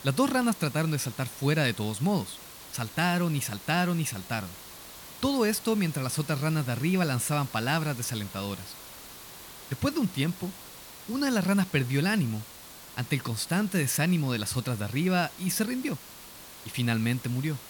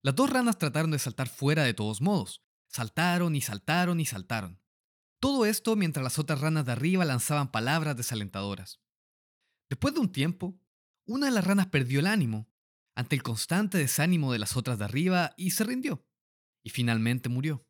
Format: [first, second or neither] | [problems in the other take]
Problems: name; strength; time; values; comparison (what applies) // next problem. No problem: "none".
second | hiss; noticeable; throughout; 15 dB below the speech